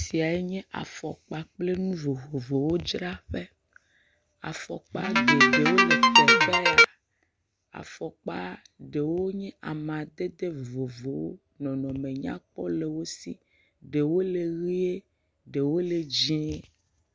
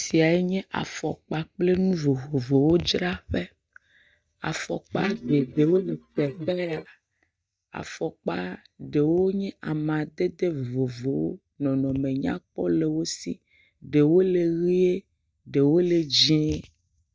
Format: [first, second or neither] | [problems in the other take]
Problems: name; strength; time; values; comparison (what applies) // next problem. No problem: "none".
first | noise reduction (neural mask model DeepFilterNet 3)